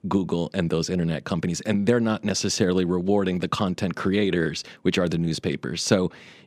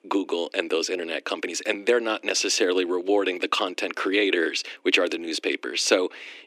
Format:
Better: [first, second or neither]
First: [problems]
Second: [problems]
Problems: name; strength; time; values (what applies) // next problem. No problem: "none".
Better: first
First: none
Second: thin; somewhat; fading below 300 Hz